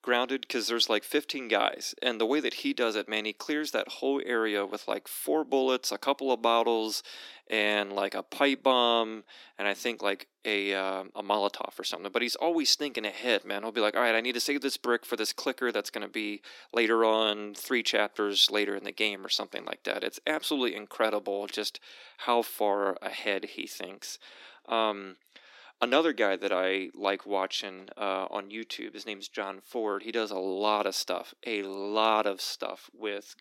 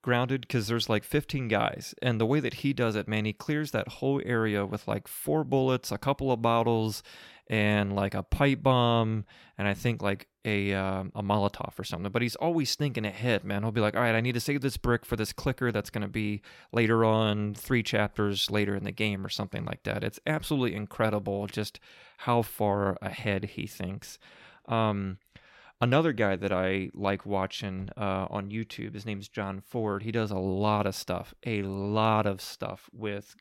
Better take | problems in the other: second | thin; somewhat; fading below 250 Hz

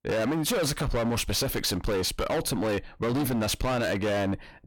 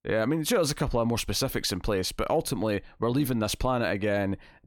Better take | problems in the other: second | distortion; heavy; 31% of the sound clipped

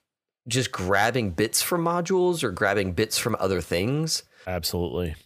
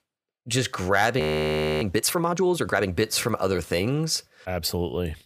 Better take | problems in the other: first | audio freezing; at 1 s for 0.5 s

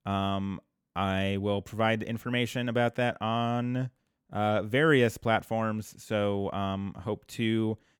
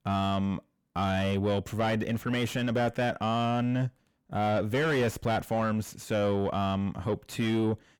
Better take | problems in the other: first | distortion; heavy; 7 dB below the speech

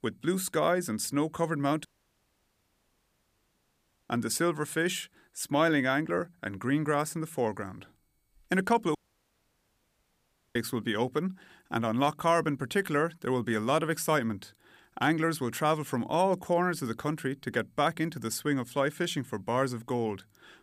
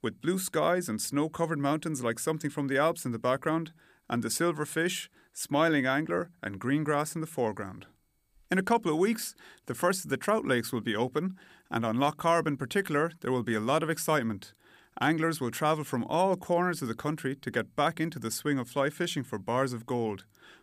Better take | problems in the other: second | audio cutting out; at 2 s for 2 s and at 9 s for 1.5 s

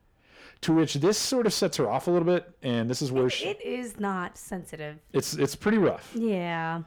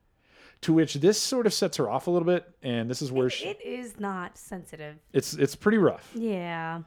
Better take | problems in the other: second | distortion; slight; 10 dB below the speech

